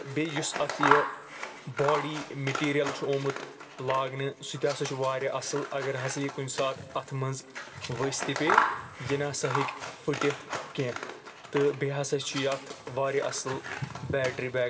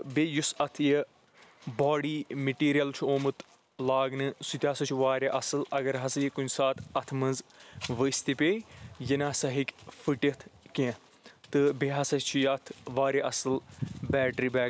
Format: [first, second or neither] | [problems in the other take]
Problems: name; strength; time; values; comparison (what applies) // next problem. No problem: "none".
second | background sound (Scissors); 4 dB below the speech // room echo; dies away in 2.8 s